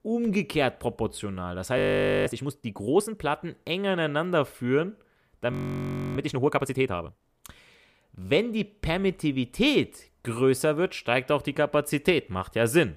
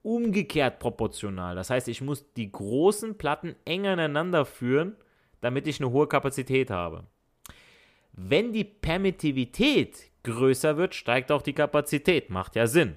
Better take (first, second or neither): second